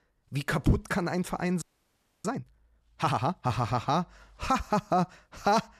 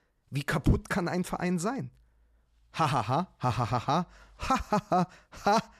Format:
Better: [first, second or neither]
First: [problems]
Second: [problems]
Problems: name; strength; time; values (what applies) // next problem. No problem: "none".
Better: second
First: audio freezing; at 1.5 s for 0.5 s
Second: none